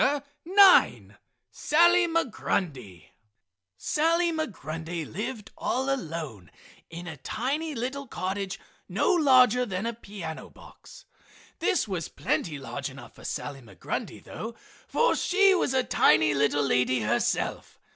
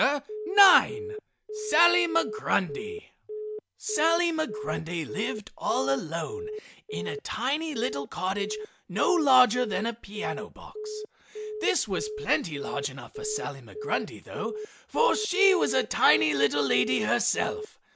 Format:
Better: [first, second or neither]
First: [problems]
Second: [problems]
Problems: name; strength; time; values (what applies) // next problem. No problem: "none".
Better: first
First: none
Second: background sound (Telephone); 10 dB below the speech